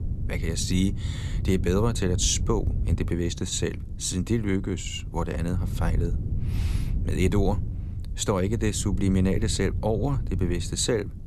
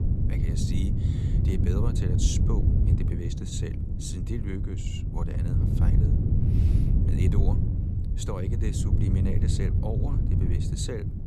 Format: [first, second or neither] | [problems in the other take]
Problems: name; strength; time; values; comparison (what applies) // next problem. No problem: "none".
first | wind noise on the microphone; heavy; 1 dB above the speech; occasional gusts in the first